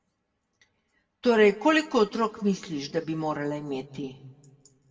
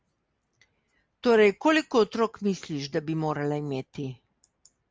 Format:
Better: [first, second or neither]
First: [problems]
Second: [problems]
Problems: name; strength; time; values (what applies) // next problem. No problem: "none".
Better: second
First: room echo; dies away in 1 s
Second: none